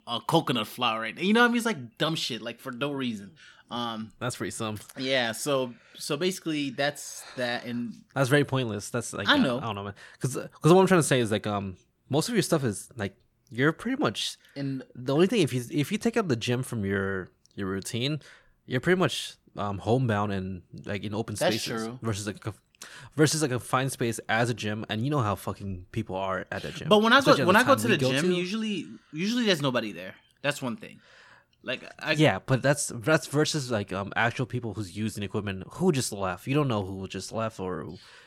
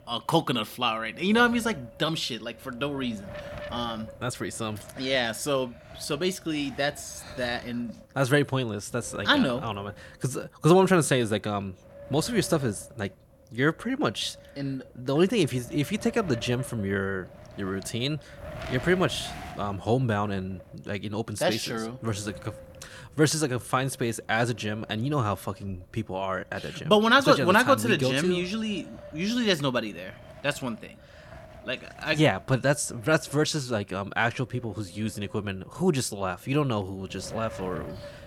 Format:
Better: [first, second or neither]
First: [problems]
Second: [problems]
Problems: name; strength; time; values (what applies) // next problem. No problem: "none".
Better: first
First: none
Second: wind noise on the microphone; occasional gusts; 20 dB below the speech